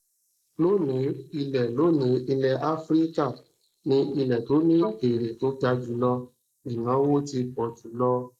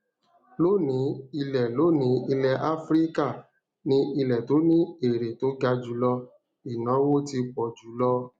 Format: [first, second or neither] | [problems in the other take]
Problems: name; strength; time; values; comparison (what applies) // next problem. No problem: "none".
second | noise reduction (neural mask model Resemble Enhance denoiser)